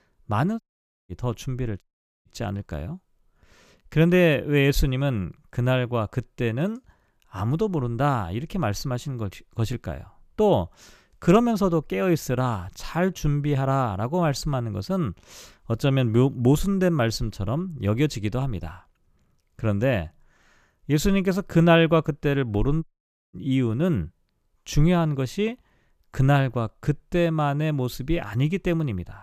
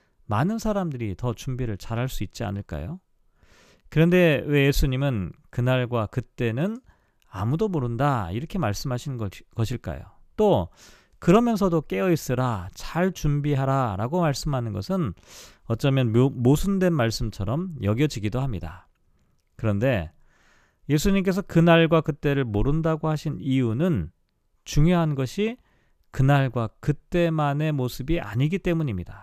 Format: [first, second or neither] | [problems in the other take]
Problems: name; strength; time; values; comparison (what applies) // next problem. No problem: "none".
second | audio cutting out; at 0.5 s, at 2 s and at 23 s